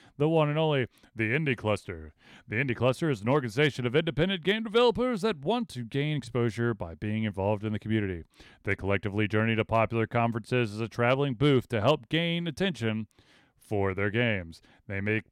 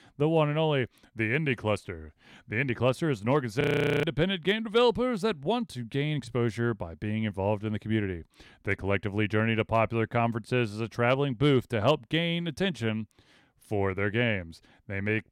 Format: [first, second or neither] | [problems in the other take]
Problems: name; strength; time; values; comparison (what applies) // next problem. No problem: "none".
first | audio freezing; at 3.5 s